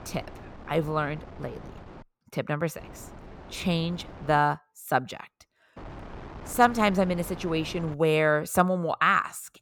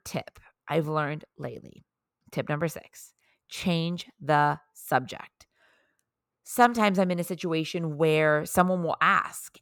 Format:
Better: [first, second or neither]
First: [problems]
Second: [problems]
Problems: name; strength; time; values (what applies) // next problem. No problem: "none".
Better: second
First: wind noise on the microphone; occasional gusts; until 2 s, from 3 to 4.5 s and from 6 to 8 s; 20 dB below the speech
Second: none